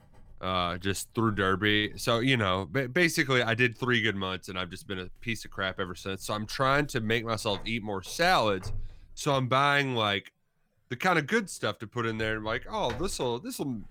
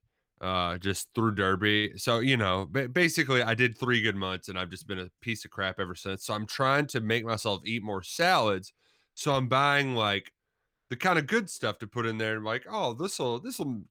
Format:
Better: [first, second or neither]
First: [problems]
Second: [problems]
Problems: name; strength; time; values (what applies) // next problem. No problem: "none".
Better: second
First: household noises; faint; throughout; 20 dB below the speech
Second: none